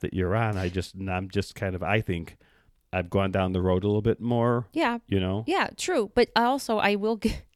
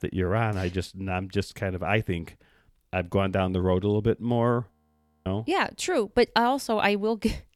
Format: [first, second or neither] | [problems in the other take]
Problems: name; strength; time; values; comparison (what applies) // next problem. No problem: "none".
first | audio freezing; at 4.5 s for 0.5 s